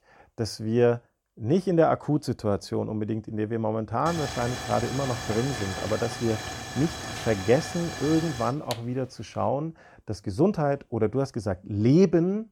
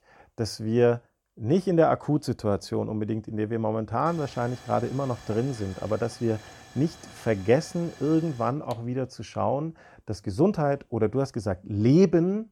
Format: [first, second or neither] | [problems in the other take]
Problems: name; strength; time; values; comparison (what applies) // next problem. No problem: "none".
second | hiss; loud; from 4 to 9.5 s; 8 dB below the speech; faint in the second